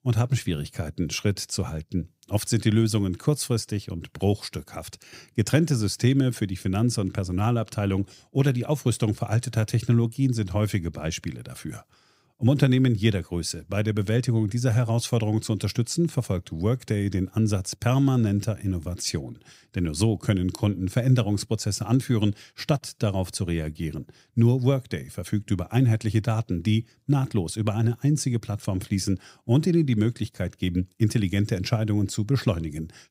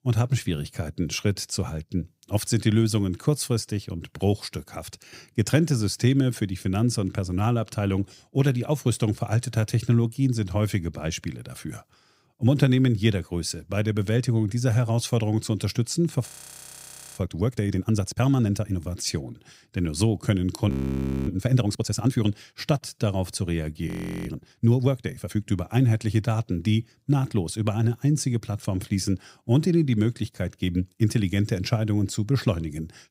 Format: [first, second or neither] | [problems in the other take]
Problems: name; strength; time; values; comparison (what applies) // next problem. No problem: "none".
first | audio freezing; at 16 s for 1 s, at 21 s for 0.5 s and at 24 s